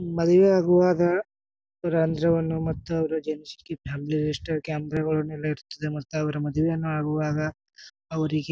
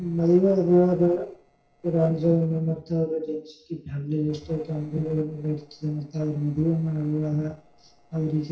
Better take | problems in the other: first | noise reduction (neural separator model SepFormer DNS4)

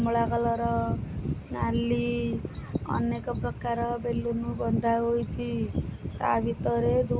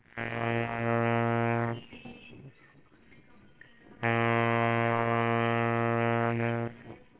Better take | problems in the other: first | noise reduction (neural separator model SepFormer WHAMR!)

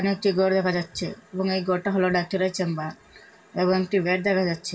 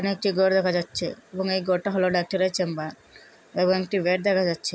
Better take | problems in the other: second | room echo; dies away in 0.2 s

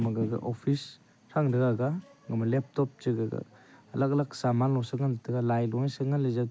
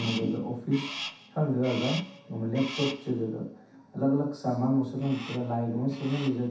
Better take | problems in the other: first | background sound (Crow); 13 dB below the speech // room echo; dies away in 0.7 s

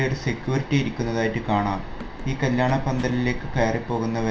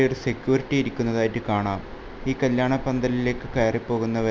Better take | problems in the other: second | background sound (Run); 20 dB below the speech // room echo; dies away in 0.4 s

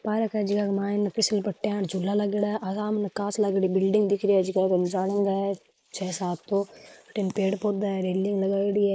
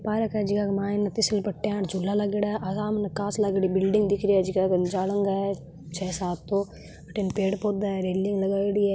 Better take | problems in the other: second | noise reduction (neural mask model Resemble Enhance denoiser)

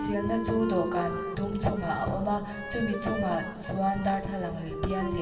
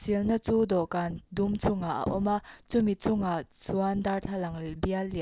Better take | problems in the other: second | background sound (Wind instrument, woodwind instrument); 7 dB below the speech // room echo; dies away in 2.1 s

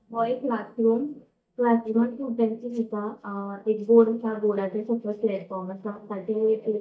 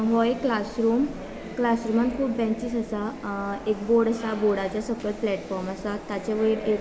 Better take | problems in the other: second | noise reduction (neural mask model DeepFilterNet 3)

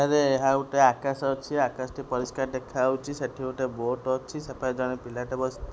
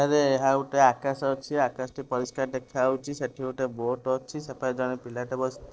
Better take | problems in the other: first | noise reduction (neural separator model SepFormer DNS4)

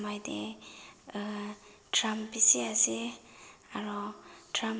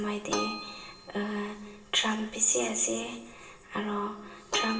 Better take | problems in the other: first | background sound (Keyboard (musical)); 9 dB below the speech // room echo; dies away in 0.8 s

